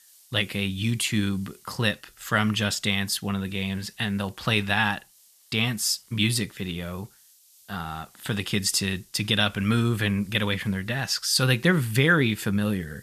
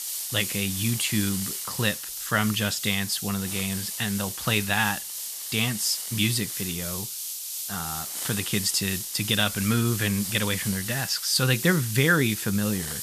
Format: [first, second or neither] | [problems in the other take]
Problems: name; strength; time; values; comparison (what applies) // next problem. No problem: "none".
first | hiss; loud; throughout; 5 dB below the speech; faint in the first